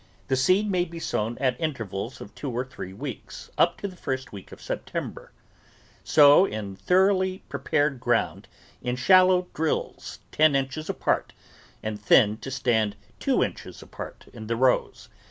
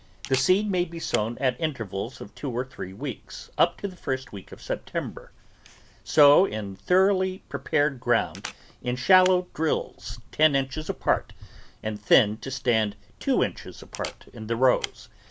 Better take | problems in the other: first | background sound (Camera); 17 dB below the speech

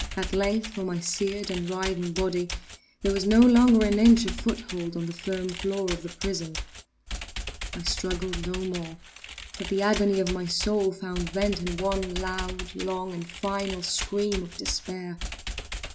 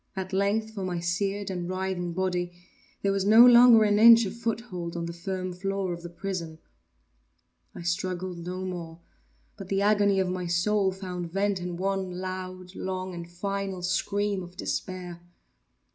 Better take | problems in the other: second | background sound (Computer keyboard); 9 dB below the speech

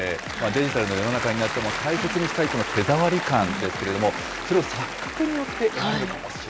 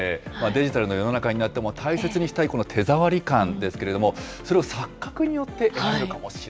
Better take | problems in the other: second | background sound (Applause / Cheering); 6 dB below the speech

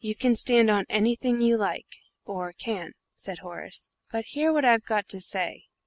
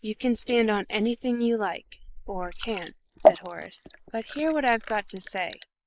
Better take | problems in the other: first | noise reduction (neural mask model Resemble Enhance denoiser)

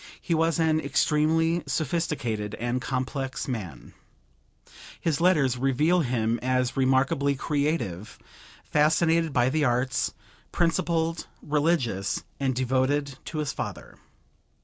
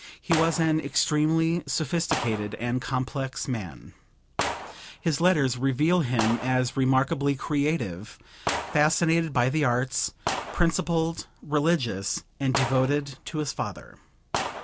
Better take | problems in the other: first | background sound (Gunshot, gunfire); 10 dB below the speech

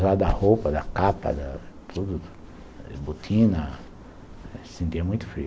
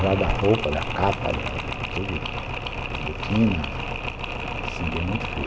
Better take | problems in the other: first | background sound (Mechanisms); 3 dB below the speech

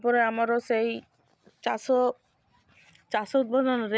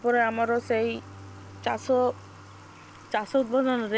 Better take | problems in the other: first | background sound (Bowed string instrument + Water tap, faucet / Water); 18 dB below the speech

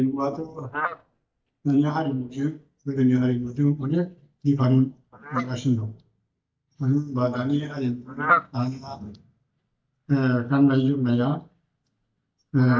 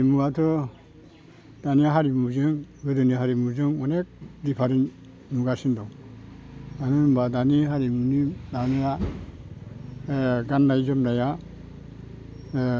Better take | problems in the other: second | noise reduction (neural mask model DeepFilterNet 3)

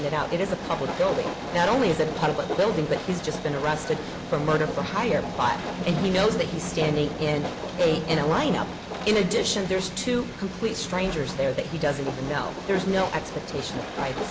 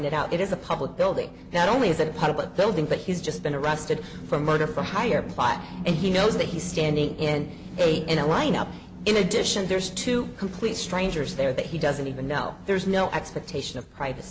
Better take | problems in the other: second | background sound (Train); 9 dB below the speech

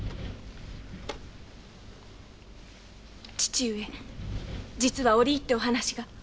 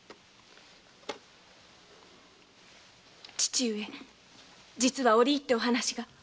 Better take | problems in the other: second | background sound (Wind); 10 dB below the speech

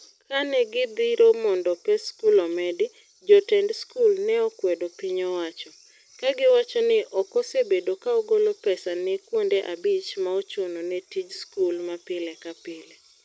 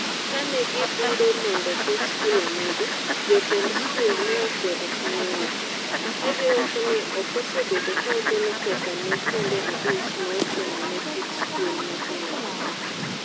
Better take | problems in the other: first | background sound (Fowl); as loud as the speech

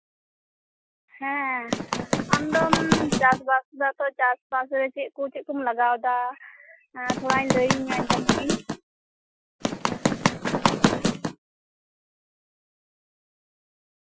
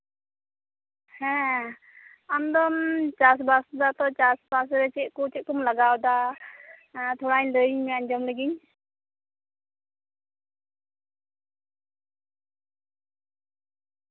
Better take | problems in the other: second | noise reduction (classical method Wiener filter)

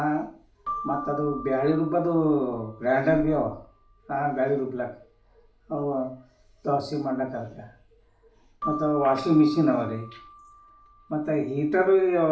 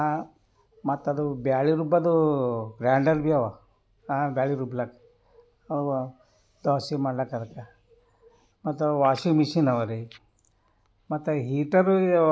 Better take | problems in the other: second | background sound (Keyboard (musical)); 16 dB below the speech // room echo; dies away in 0.4 s

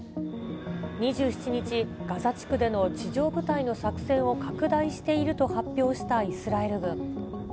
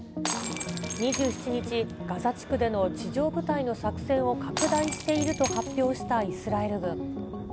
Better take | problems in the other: first | background sound (Shatter); 9 dB below the speech

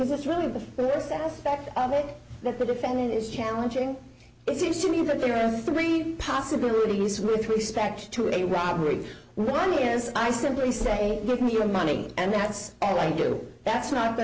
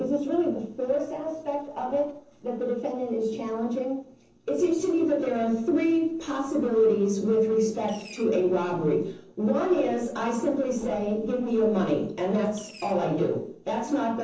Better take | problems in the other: first | noise reduction (neural separator model SepFormer DNS4)

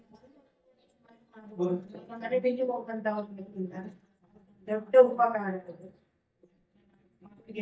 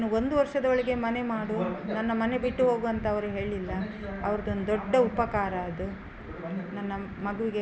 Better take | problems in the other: second | noise reduction (neural mask model DeepFilterNet 3)

